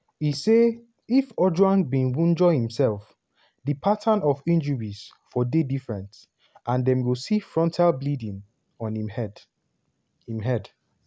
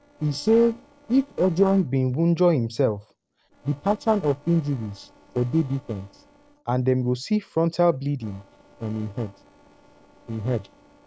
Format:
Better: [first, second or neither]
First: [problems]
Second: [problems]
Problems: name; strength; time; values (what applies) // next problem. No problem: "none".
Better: first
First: none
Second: noise reduction (neural separator model SepFormer DNS4)